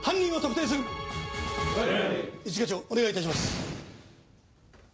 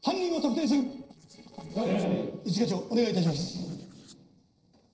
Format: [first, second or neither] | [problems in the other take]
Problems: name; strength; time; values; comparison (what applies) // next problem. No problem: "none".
first | noise reduction (neural separator model SepFormer DNS4)